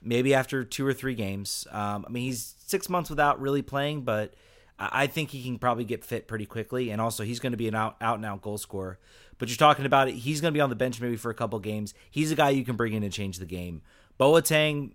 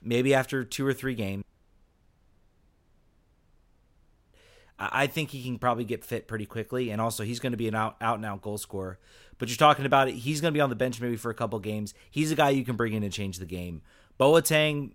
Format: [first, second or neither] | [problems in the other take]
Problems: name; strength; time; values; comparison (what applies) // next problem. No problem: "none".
first | audio cutting out; at 1.5 s for 3 s